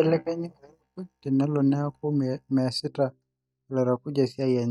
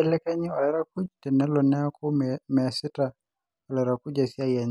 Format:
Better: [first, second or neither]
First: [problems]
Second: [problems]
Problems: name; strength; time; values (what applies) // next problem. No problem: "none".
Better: second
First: noise reduction (neural mask model DeepFilterNet 3)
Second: none